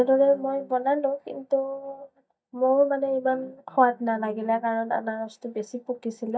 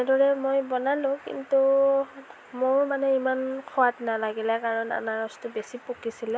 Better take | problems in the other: second | noise reduction (neural mask model DeepFilterNet 3)

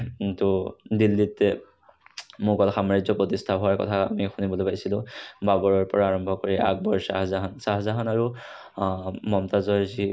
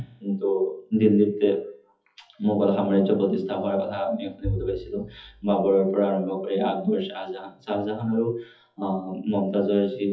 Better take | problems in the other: first | noise reduction (classical method WPE with log-MMSE)

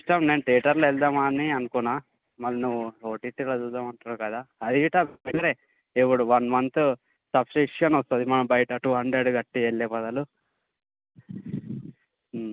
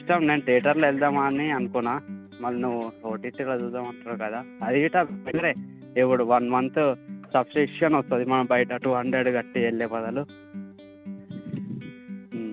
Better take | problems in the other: first | background sound (Acoustic guitar); 14 dB below the speech

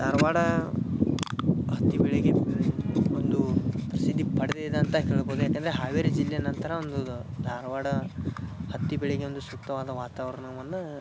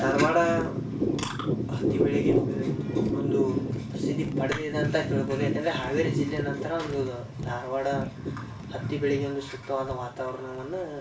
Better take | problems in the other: first | background sound (Tap); 20 dB below the speech // room echo; dies away in 0.3 s

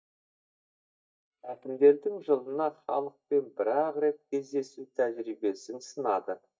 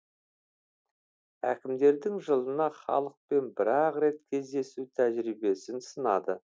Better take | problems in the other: second | noise reduction (neural mask model DeepFilterNet 3)

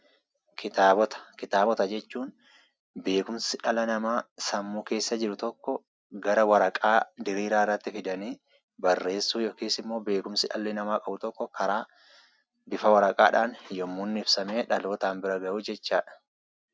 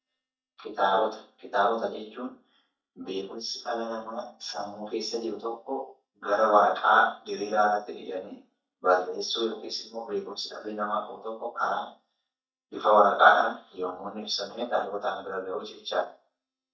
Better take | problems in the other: first | noise reduction (neural mask model DeepFilterNet 3)

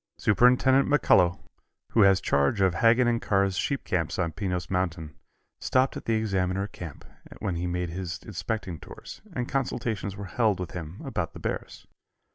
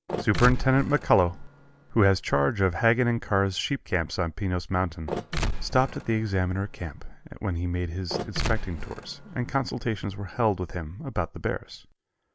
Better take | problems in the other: first | background sound (Mechanisms); 6 dB below the speech

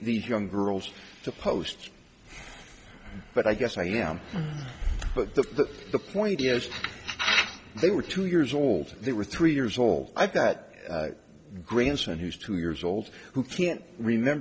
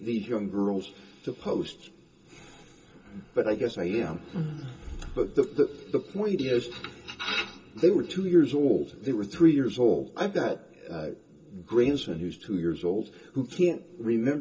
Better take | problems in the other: first | room echo; dies away in 0.2 s

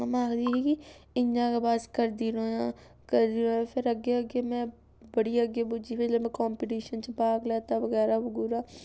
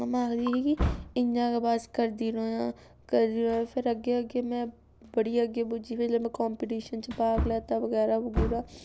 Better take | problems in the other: first | background sound (Wood); 9 dB below the speech

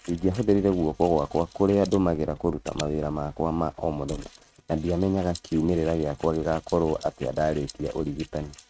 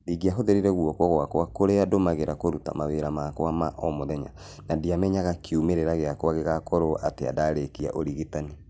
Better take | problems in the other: second | noise reduction (neural mask model RNNoise)

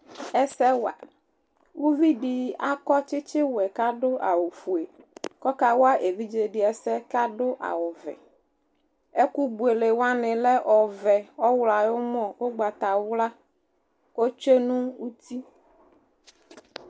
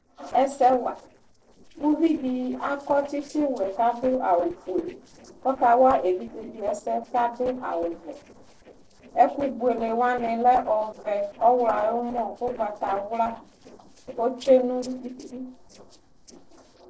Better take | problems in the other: first | noise reduction (neural separator model SepFormer DNS4)

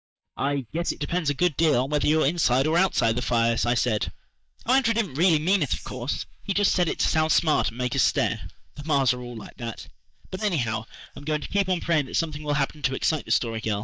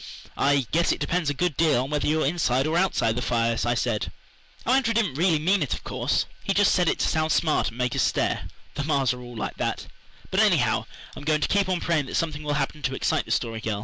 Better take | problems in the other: second | noise reduction (neural mask model DeepFilterNet 3)

